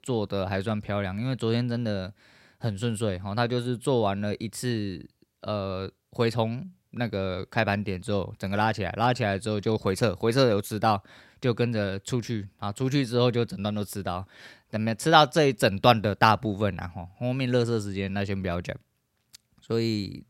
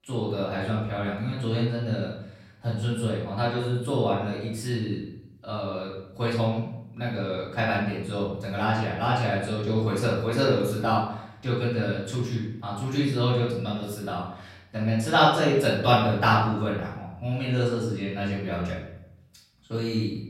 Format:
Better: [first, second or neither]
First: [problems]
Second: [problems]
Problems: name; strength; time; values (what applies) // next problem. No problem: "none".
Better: first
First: none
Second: off-mic speech; far // room echo; noticeable; dies away in 0.7 s